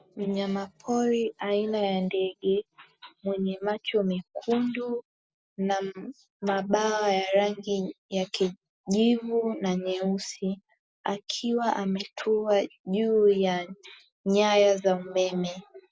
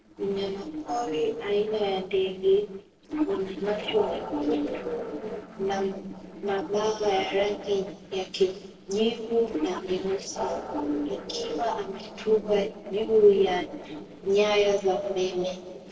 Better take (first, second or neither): first